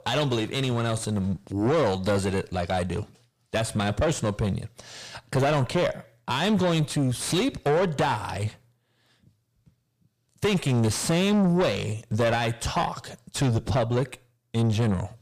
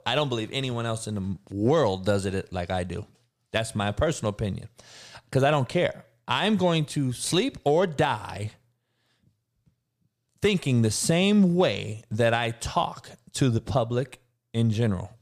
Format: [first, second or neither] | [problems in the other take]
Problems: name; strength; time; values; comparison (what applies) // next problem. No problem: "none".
second | distortion; heavy; 7 dB below the speech